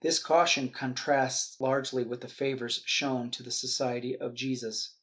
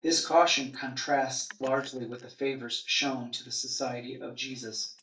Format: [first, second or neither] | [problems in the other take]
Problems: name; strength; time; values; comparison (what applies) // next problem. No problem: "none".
first | noise reduction (neural mask model DeepFilterNet 3)